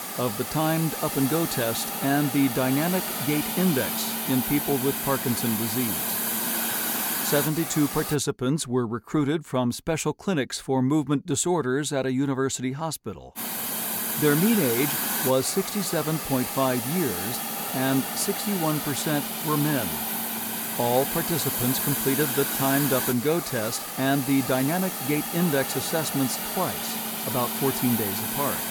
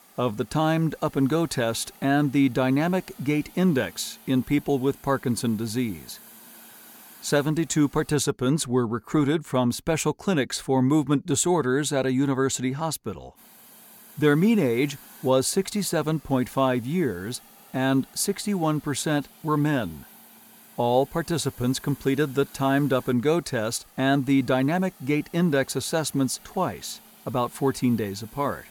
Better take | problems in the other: second | hiss; loud; until 8 s and from 13 s on; 1 dB below the speech; faint in the second

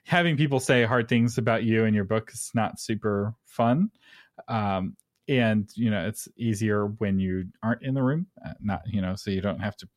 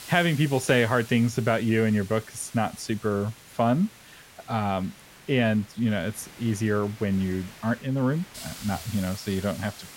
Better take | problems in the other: first | hiss; noticeable; throughout; 15 dB below the speech

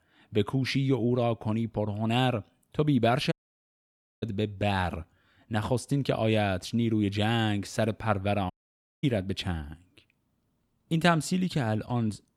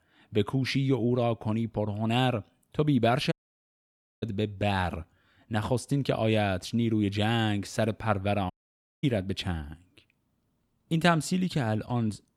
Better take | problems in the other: neither | audio cutting out; at 3.5 s for 1 s and at 8.5 s for 0.5 s; the same in both

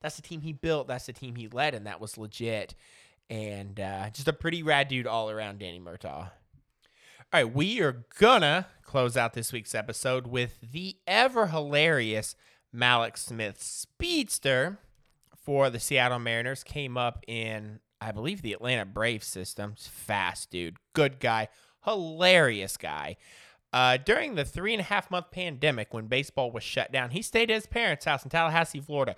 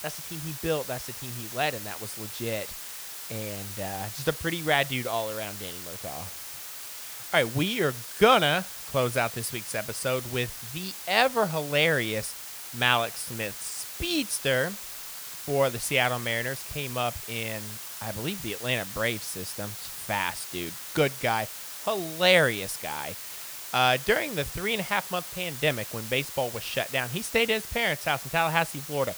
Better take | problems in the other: first | hiss; loud; throughout; 9 dB below the speech

